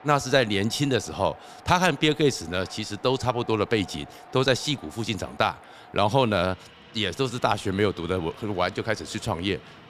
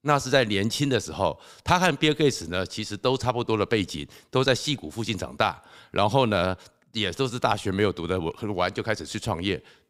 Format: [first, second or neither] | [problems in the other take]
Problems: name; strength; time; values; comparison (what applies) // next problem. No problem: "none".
second | train or aircraft noise; faint; throughout; 20 dB below the speech